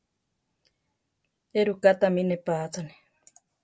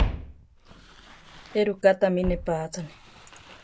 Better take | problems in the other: first | background sound (Walk, footsteps); 6 dB below the speech

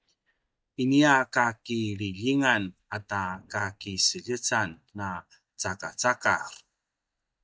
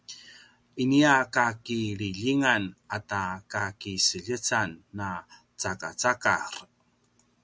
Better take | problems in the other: second | noise reduction (neural mask model DeepFilterNet 3)

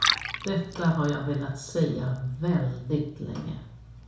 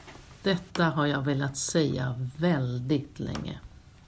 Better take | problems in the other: second | background sound (Liquid); 6 dB below the speech // room echo; dies away in 0.6 s

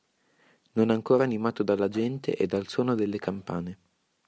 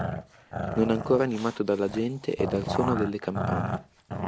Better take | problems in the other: first | background sound (Growling); 5 dB below the speech

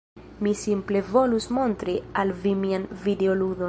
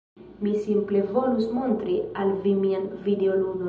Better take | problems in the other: first | room echo; dies away in 0.9 s

